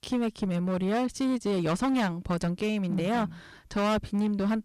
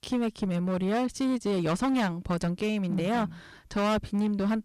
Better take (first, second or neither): neither